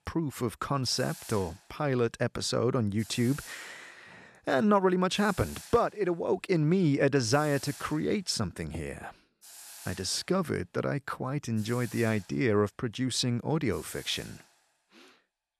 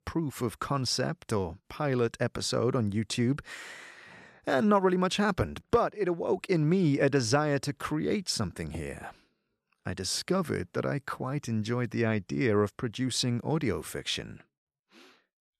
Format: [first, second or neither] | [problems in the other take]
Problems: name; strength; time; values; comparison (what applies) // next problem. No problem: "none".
second | hiss; noticeable; throughout; 20 dB below the speech